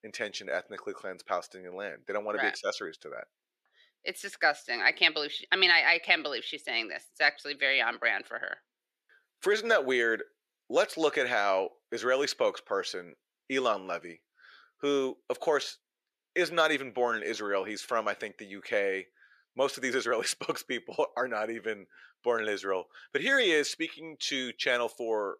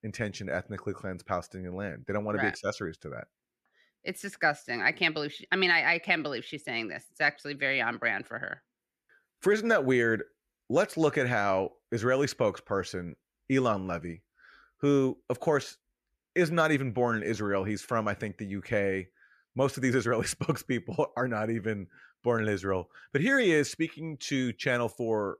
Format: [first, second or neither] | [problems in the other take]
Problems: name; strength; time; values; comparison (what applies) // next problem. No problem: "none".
second | thin; somewhat; fading below 450 Hz